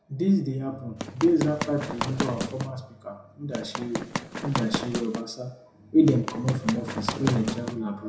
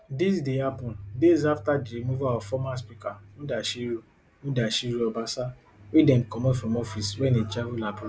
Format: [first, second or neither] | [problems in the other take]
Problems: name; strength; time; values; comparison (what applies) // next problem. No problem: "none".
second | background sound (Run); 5 dB below the speech // room echo; dies away in 0.5 s